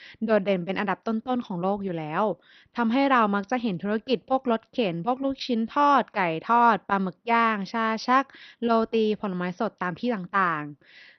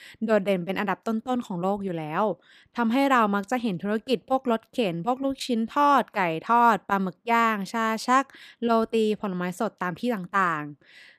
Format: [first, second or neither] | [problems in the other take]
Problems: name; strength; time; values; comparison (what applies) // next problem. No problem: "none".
second | garbled, watery; slightly; nothing above 6 kHz